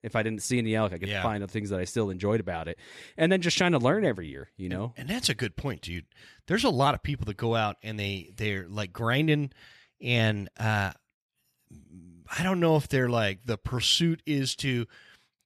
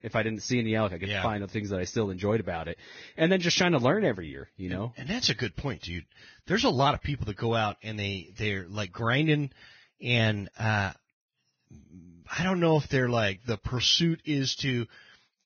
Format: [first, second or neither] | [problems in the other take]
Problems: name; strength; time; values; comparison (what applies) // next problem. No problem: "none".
first | garbled, watery; badly; nothing above 6.5 kHz